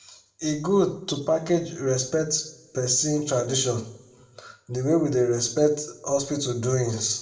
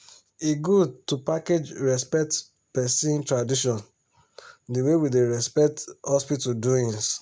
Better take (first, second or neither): second